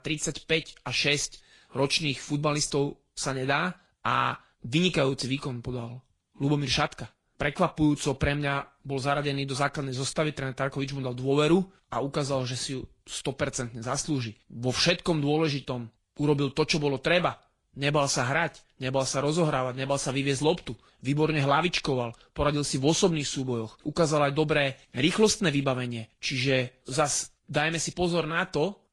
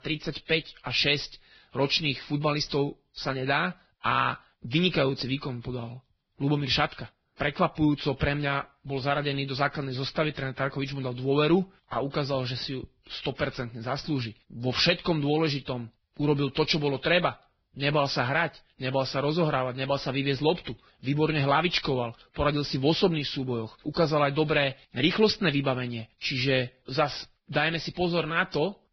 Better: first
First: garbled, watery; slightly; nothing above 10.5 kHz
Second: garbled, watery; badly; nothing above 5.5 kHz

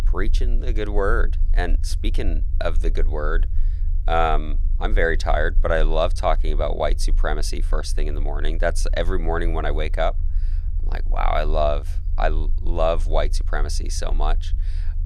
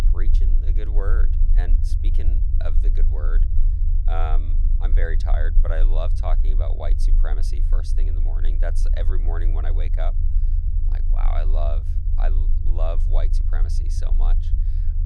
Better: first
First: low rumble; faint; throughout; 25 dB below the speech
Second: low rumble; loud; throughout; 9 dB below the speech

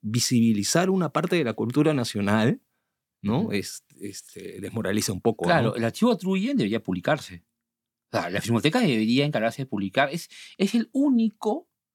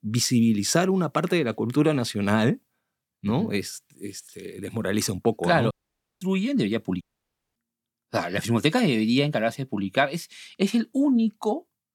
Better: first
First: none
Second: audio cutting out; at 5.5 s for 0.5 s and at 7 s for 0.5 s

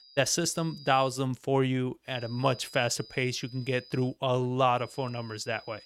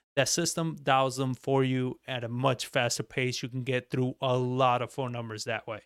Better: second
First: high-pitched whine; noticeable; until 1 s, from 2 to 4 s and from 5 s on; 5 kHz, 20 dB below the speech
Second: none

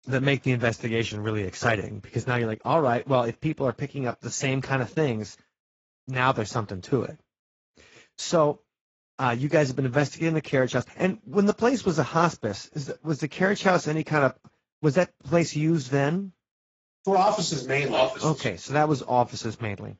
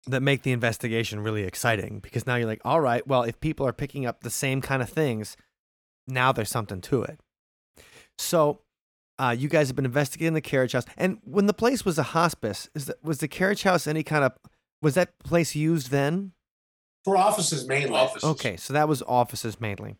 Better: second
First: garbled, watery; badly; nothing above 7.5 kHz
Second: none

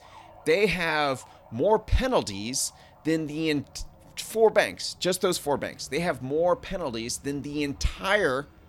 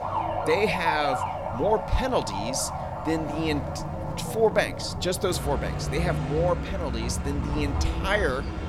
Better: first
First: traffic noise; faint; throughout; 25 dB below the speech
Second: traffic noise; loud; throughout; 3 dB below the speech

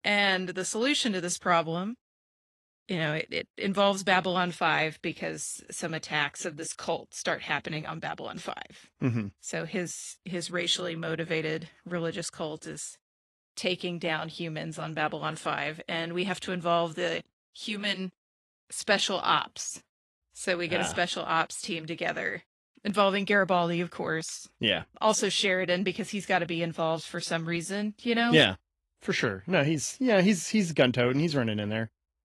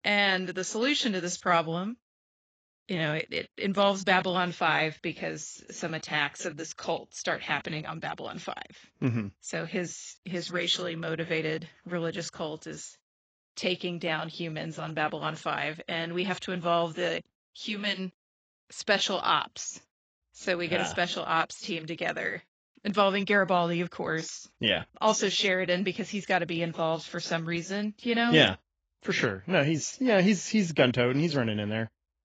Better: first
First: garbled, watery; slightly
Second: garbled, watery; badly; nothing above 7.5 kHz

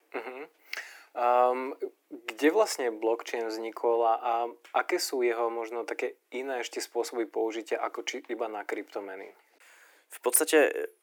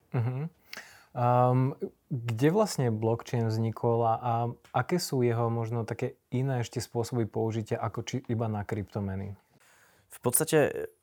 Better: second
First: thin; very; fading below 300 Hz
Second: none

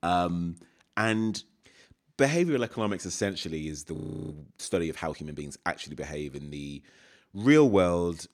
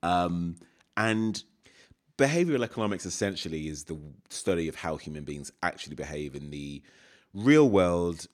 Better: second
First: audio freezing; at 4 s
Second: none

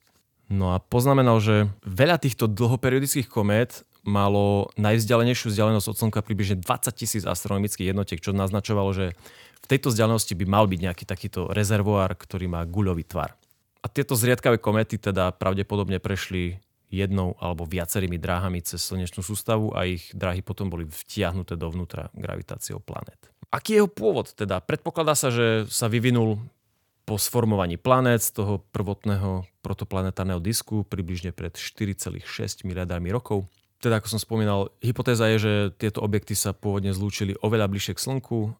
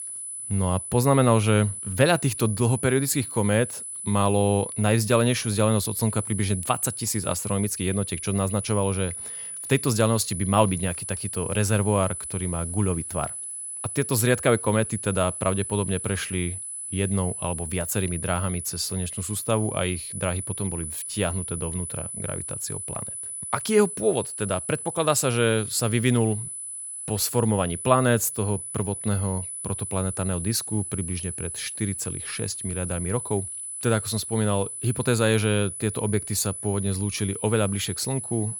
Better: first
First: none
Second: high-pitched whine; loud; throughout; 10 kHz, 6 dB below the speech

